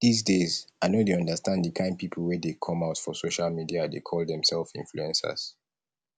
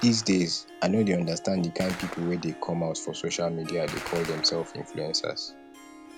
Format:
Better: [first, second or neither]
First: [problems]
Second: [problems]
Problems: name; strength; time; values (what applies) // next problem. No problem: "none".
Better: first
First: none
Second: background sound (Gunshot, gunfire + Harp); 13 dB below the speech